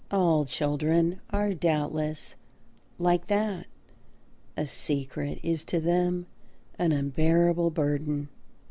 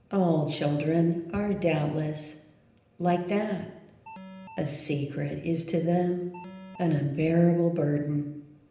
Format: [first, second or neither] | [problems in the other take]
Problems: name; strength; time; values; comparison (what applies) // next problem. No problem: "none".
first | background sound (Alarm); 16 dB below the speech // room echo; dies away in 0.9 s